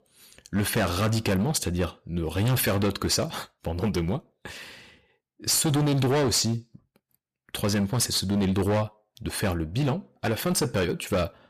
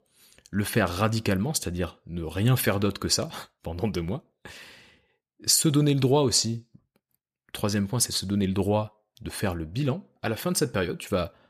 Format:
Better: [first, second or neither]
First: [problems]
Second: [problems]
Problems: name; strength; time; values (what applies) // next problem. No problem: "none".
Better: second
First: distortion; heavy; 13% of the sound clipped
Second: none